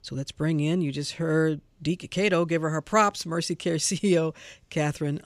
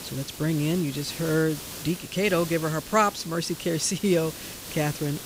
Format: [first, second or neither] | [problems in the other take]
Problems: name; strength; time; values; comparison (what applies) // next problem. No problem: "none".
first | hiss; noticeable; throughout; 10 dB below the speech